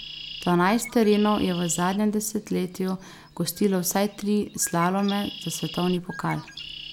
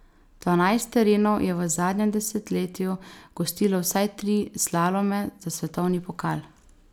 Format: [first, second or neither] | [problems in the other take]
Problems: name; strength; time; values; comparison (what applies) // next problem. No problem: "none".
second | background sound (Bird); 16 dB below the speech